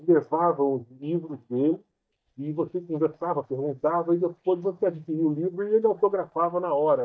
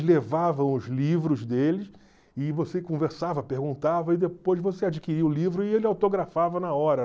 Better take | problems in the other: second | noise reduction (neural mask model DeepFilterNet 3)

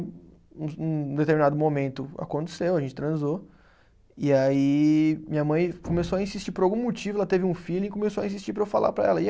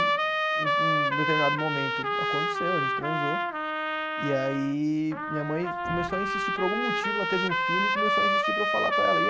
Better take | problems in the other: first | background sound (Trumpet); 4 dB above the speech

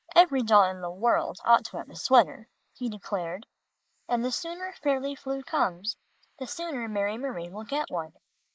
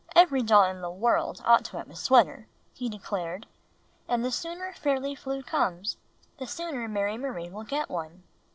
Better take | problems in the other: second | noise reduction (neural mask model Resemble Enhance denoiser)

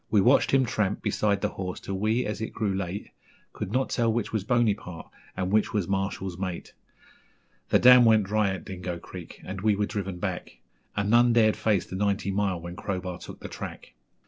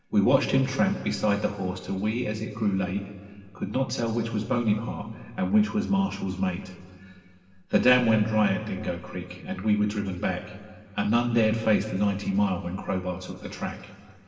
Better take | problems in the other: first | room echo; dies away in 2.3 s

